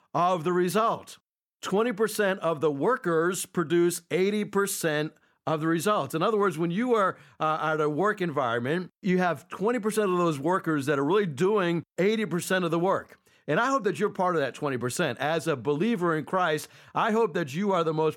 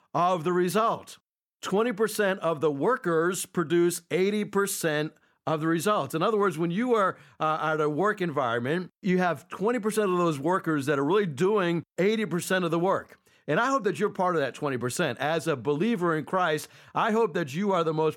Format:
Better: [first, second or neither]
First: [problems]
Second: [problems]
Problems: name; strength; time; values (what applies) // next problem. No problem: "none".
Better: neither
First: none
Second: none